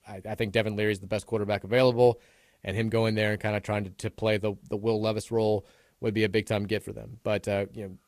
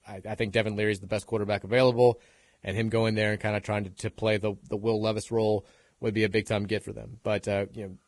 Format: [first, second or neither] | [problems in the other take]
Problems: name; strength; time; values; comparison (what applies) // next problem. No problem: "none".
first | garbled, watery; badly; nothing above 10.5 kHz; slightly in the first